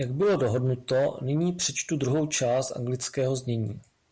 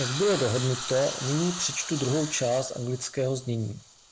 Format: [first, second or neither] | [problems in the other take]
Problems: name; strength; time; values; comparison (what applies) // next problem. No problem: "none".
first | background sound (Hiss); 9 dB below the speech